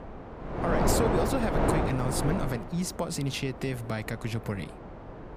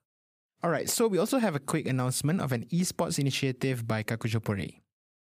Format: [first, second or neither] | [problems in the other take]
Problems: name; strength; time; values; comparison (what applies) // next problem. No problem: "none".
second | wind noise on the microphone; heavy; 3 dB above the speech